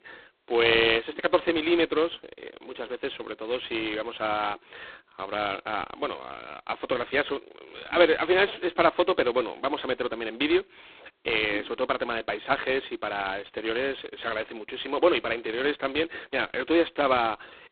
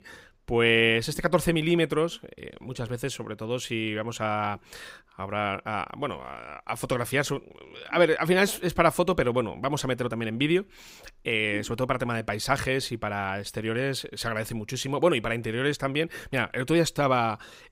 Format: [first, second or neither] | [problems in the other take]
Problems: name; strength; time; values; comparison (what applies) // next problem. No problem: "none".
second | phone-call audio; poor line; nothing above 4 kHz